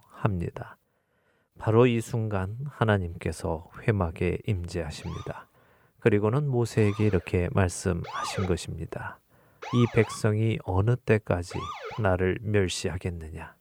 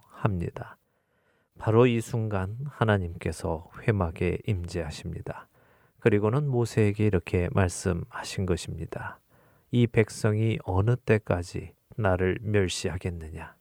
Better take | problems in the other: second | siren; noticeable; from 5 to 12 s; peak 7 dB below the speech

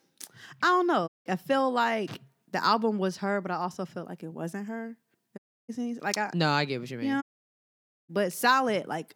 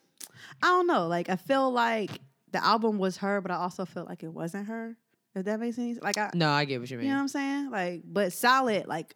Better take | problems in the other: second | audio cutting out; at 1 s, at 5.5 s and at 7 s for 1 s

